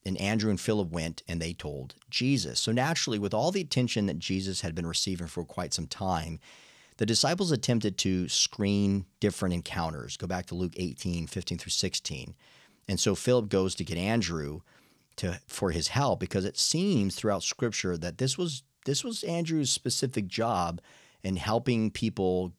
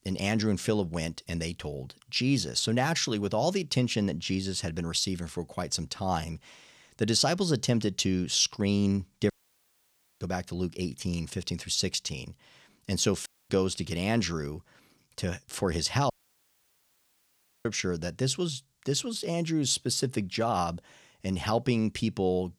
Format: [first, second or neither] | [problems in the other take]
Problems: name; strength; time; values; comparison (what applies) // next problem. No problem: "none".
first | audio cutting out; at 9.5 s for 1 s, at 13 s and at 16 s for 1.5 s